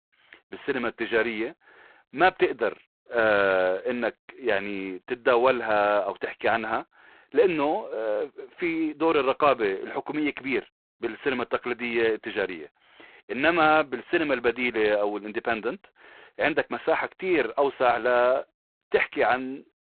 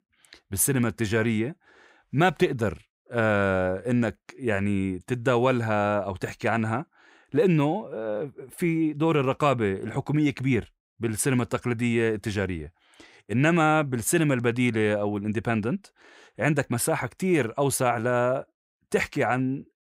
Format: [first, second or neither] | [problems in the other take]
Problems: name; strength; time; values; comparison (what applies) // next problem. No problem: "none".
second | phone-call audio; poor line; nothing above 4 kHz